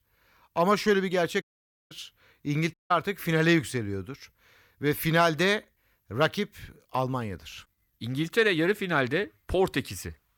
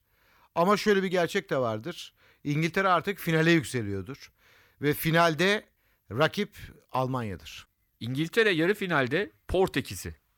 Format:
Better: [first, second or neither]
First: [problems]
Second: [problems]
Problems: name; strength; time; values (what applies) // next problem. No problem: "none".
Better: second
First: audio cutting out; at 1.5 s and at 2.5 s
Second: none